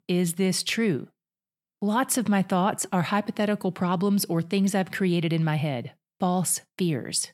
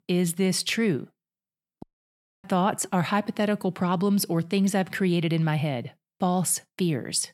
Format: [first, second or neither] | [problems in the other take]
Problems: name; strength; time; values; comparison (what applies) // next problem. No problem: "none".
first | audio cutting out; at 2 s for 0.5 s